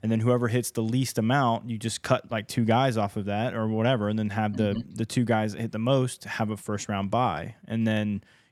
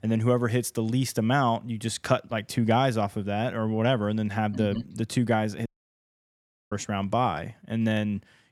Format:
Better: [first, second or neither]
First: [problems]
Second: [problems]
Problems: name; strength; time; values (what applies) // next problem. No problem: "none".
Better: first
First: none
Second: audio cutting out; at 5.5 s for 1 s